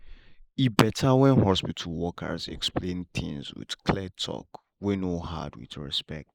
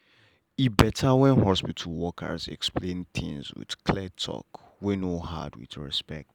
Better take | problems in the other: second | noise reduction (neural mask model Resemble Enhance denoiser)

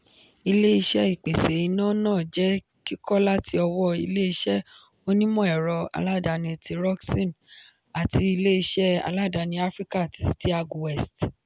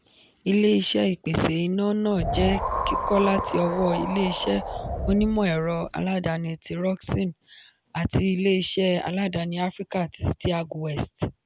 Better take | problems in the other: first | background sound (Wind); 4 dB below the speech

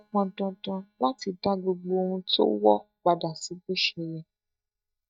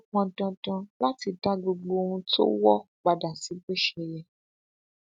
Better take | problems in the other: second | noise reduction (neural mask model DeepFilterNet 3)

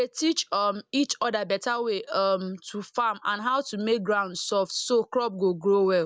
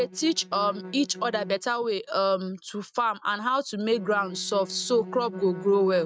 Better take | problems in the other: first | noise reduction (neural mask model RNNoise)

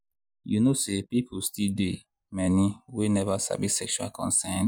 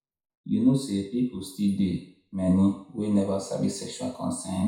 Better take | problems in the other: first | room echo; dies away in 0.6 s

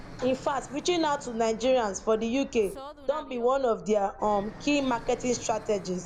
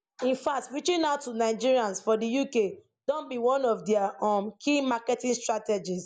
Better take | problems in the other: second | background sound (Fixed-wing aircraft, airplane); 17 dB below the speech

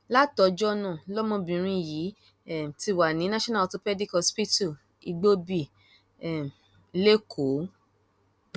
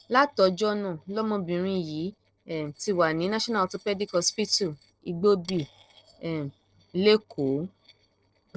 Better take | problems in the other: first | noise reduction (neural separator model SepFormer DNS4)

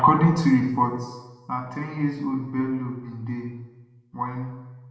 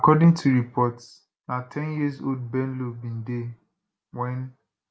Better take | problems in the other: second | room echo; dies away in 1 s

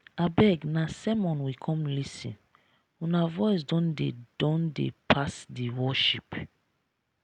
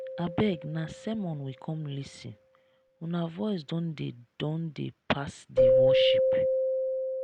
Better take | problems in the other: first | background sound (Keyboard (musical)); 4 dB above the speech

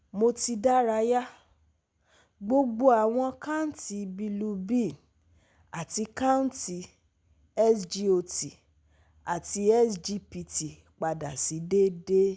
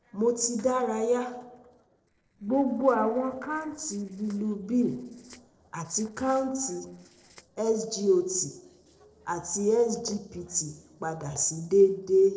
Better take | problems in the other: first | noise reduction (neural separator model SepFormer DNS4)

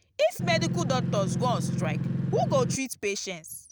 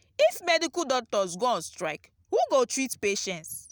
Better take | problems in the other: second | background sound (Engine); 1 dB above the speech

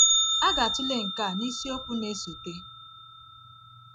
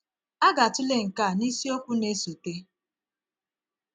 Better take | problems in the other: second | background sound (Bell); 3 dB above the speech

